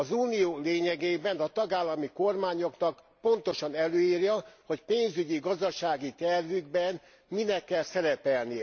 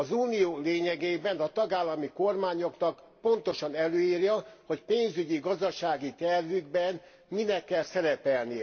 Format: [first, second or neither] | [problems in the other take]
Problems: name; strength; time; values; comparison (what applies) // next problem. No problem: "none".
first | room echo; dies away in 1.1 s